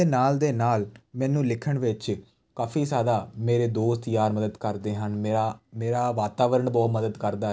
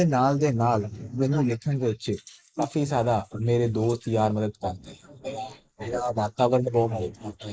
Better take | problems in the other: first | noise reduction (neural mask model Resemble Enhance denoiser)

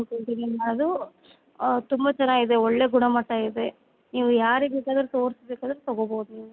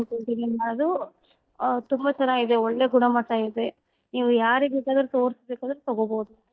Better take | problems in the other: first | noise reduction (neural mask model DeepFilterNet 3)

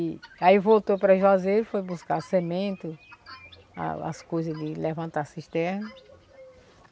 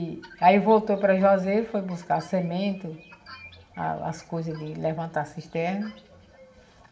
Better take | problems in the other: first | room echo; dies away in 0.6 s

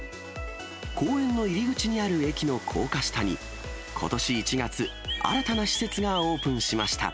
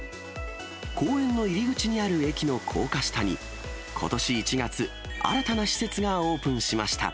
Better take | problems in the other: second | background sound (Chirp, tweet); 9 dB below the speech

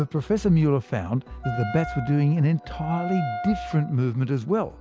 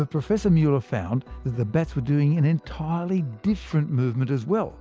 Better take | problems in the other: second | background sound (Wind instrument, woodwind instrument); 10 dB below the speech

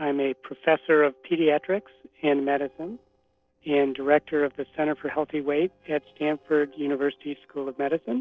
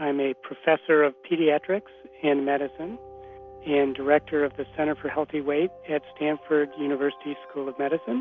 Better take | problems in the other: second | noise reduction (neural separator model SepFormer DNS4)

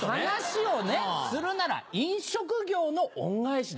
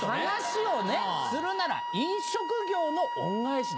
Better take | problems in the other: first | background sound (Wind instrument, woodwind instrument); 4 dB below the speech

